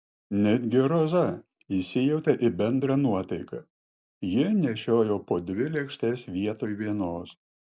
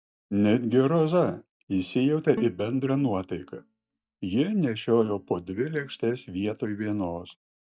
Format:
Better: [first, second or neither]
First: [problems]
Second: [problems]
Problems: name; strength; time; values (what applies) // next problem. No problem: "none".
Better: first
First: none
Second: noise reduction (neural mask model DeepFilterNet 3)